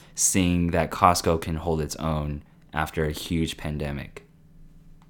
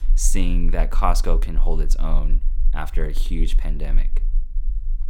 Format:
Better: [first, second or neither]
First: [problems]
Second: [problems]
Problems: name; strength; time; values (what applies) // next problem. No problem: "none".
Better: first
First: none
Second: low rumble; faint; throughout; 25 dB below the speech